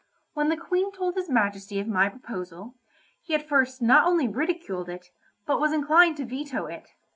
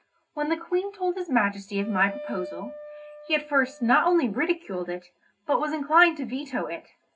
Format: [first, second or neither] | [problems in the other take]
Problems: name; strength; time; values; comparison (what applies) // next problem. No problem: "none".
first | background sound (Wind instrument, woodwind instrument); 14 dB below the speech // room echo; dies away in 0.2 s